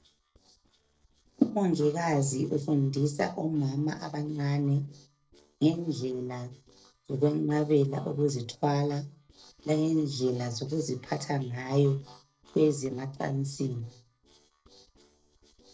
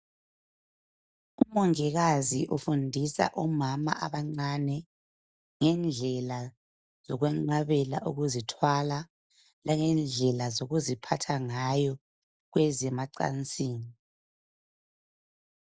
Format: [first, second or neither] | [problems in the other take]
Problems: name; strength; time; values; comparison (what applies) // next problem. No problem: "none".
second | noise reduction (neural separator model SepFormer DNS4)